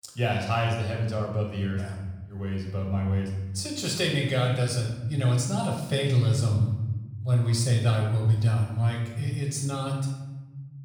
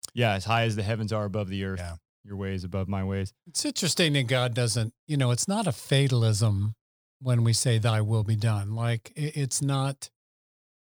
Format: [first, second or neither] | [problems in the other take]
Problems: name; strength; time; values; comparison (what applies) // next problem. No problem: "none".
second | room echo; noticeable; dies away in 1.2 s // off-mic speech; far